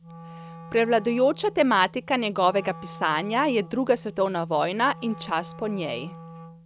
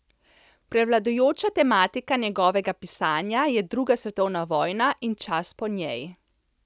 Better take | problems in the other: second | background sound (Wind instrument, woodwind instrument); 17 dB below the speech

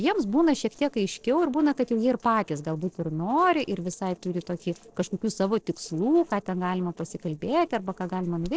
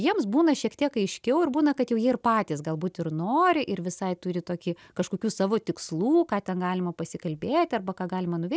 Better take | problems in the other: second | noise reduction (neural separator model SepFormer DNS4)

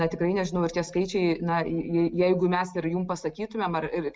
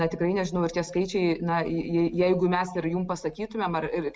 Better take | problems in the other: second | noise reduction (neural mask model DeepFilterNet 3)

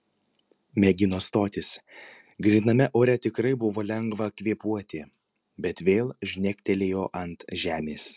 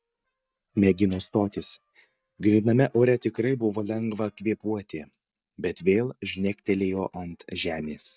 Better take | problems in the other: first | noise reduction (neural mask model DeepFilterNet 3)

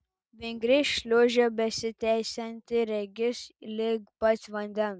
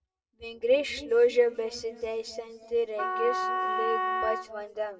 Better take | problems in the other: first | background sound (Wind instrument, woodwind instrument); 2 dB below the speech // room echo; dies away in 1.5 s

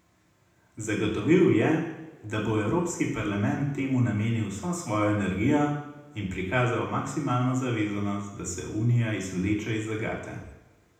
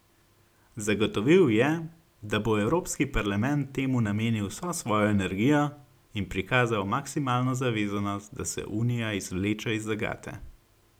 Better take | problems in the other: second | room echo; dies away in 0.8 s

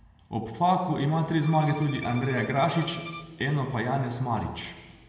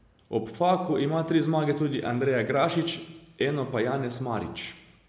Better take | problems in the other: second | background sound (Bowed string instrument); 17 dB below the speech // room echo; dies away in 1.6 s

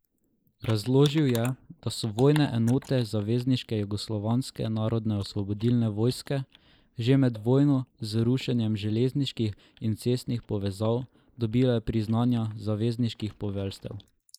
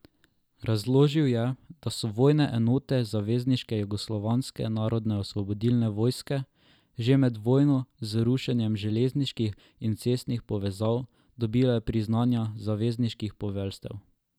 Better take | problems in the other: second | noise reduction (neural mask model Resemble Enhance denoiser)

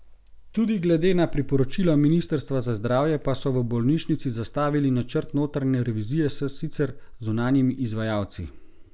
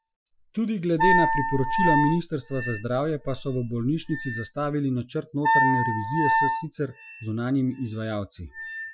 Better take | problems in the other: first | noise reduction (classical method Wiener filter)

